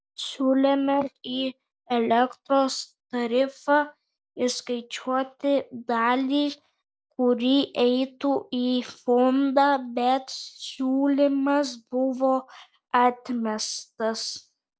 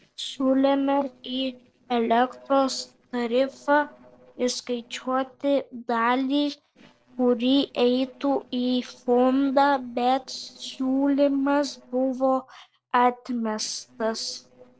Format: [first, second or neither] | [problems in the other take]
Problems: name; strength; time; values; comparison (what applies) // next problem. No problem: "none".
first | noise reduction (neural separator model SepFormer DNS4)